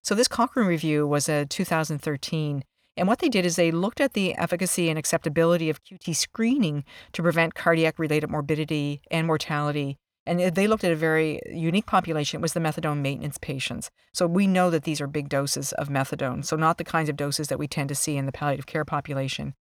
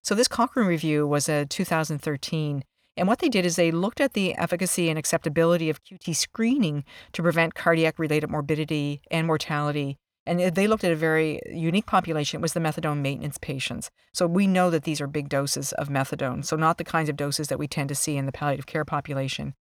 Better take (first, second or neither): neither